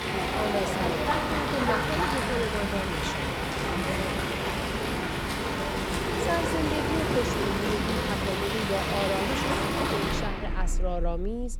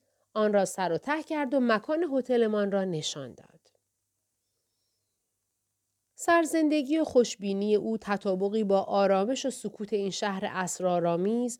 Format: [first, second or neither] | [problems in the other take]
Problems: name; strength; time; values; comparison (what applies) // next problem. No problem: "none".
second | animal sounds; very loud; throughout; 5 dB above the speech